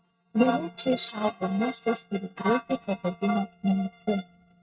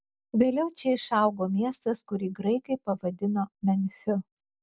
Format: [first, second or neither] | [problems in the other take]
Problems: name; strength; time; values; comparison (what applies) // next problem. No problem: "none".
second | noise reduction (neural mask model RNNoise)